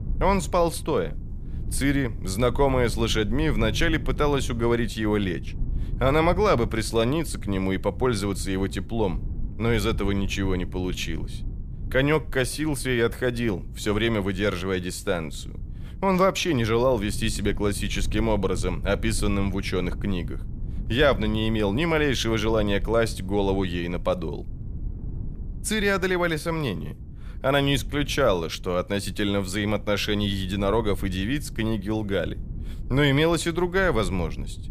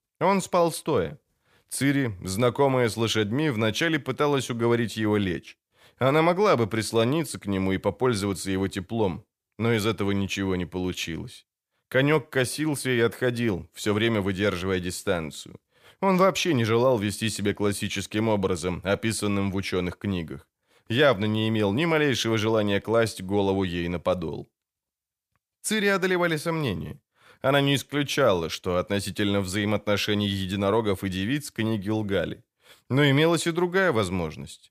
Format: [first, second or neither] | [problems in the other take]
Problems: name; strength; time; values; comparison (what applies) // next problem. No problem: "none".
second | low rumble; faint; throughout; 25 dB below the speech